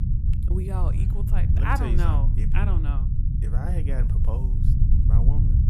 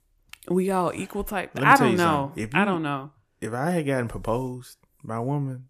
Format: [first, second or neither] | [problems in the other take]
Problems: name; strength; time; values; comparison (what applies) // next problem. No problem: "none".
second | low rumble; loud; throughout; 4 dB below the speech